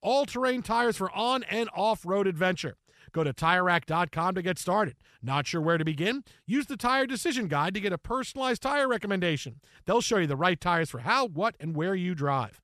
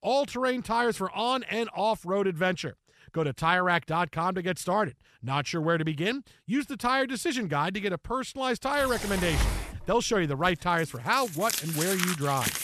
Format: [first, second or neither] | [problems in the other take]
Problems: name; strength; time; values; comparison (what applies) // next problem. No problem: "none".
first | household noises; loud; from 9 s on; 4 dB below the speech